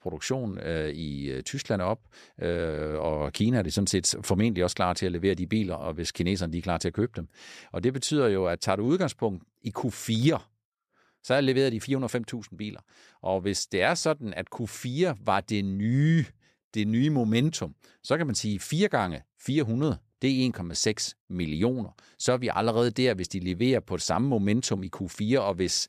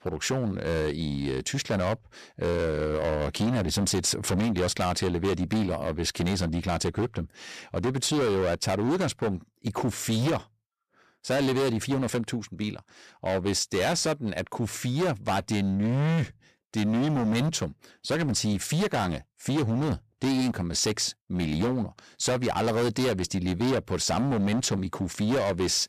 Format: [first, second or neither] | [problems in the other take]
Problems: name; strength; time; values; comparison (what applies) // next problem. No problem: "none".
first | distortion; heavy; 19% of the sound clipped